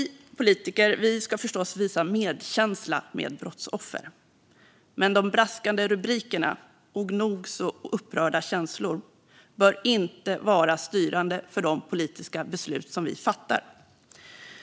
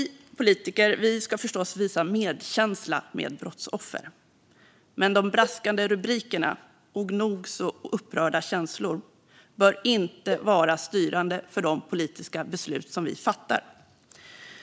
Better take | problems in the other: first | background sound (Cowbell); 12 dB below the speech

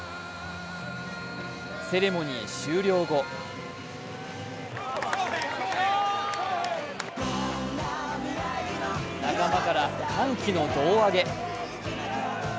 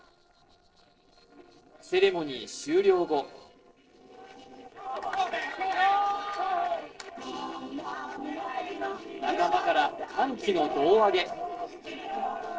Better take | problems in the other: first | noise reduction (neural separator model SepFormer DNS4)

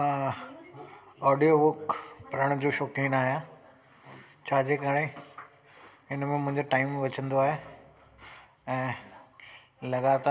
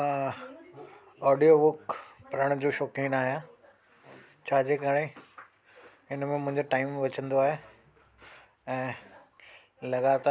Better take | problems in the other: second | room echo; dies away in 0.8 s

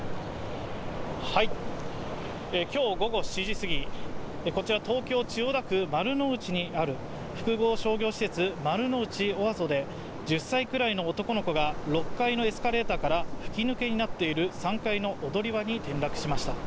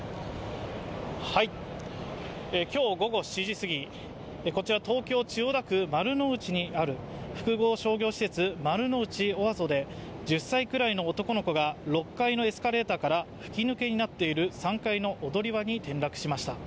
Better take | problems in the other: second | background sound (Waves, surf); 5 dB below the speech

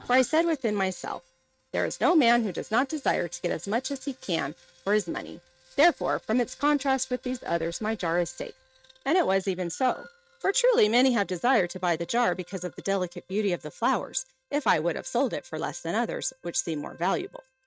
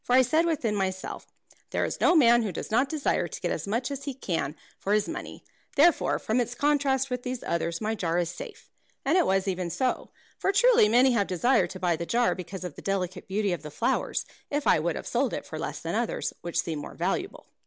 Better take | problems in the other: second | noise reduction (neural mask model RNNoise)

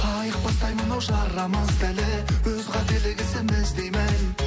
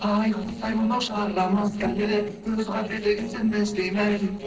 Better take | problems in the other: first | noise reduction (neural separator model SepFormer DNS4)

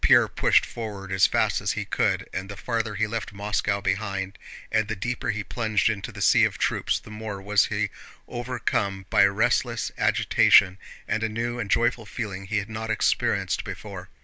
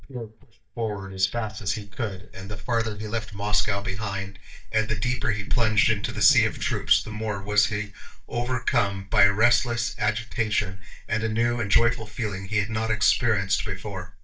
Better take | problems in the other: first | noise reduction (neural mask model DeepFilterNet 3)

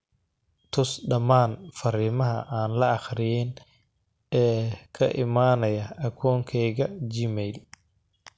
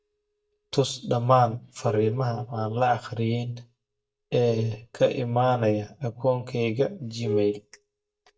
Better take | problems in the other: first | noise reduction (neural mask model DeepFilterNet 3)

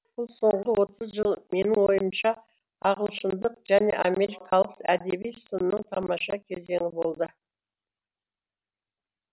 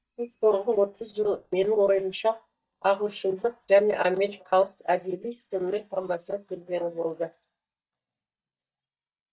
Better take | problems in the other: first | noise reduction (neural mask model DeepFilterNet 3)

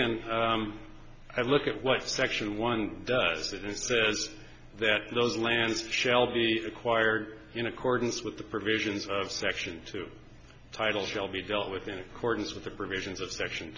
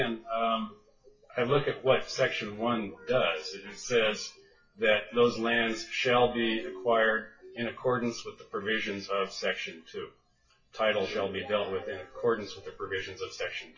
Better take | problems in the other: first | noise reduction (classical method WPE with log-MMSE)

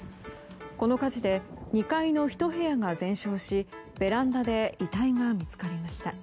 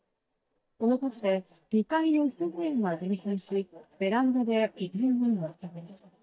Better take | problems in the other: first | noise reduction (neural mask model DeepFilterNet 3)

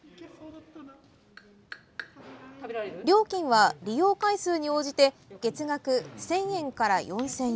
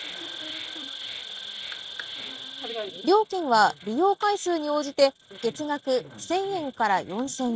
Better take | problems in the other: first | noise reduction (neural mask model RNNoise)

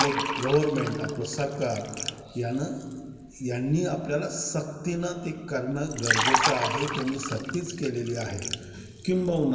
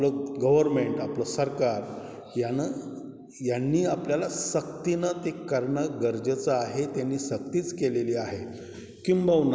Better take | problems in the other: second | background sound (Liquid); 4 dB below the speech // room echo; dies away in 0.6 s

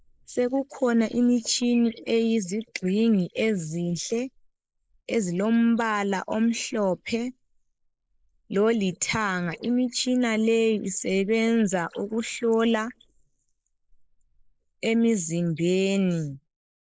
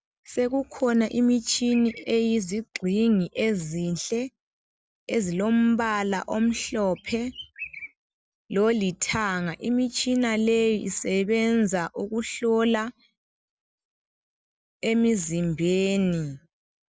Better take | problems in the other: second | noise reduction (neural mask model Resemble Enhance denoiser)

